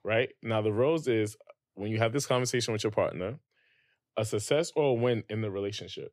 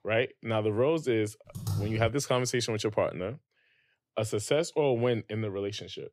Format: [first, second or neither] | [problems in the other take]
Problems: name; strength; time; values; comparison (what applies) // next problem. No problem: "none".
first | keyboard typing; noticeable; at 1.5 s; peak 4 dB below the speech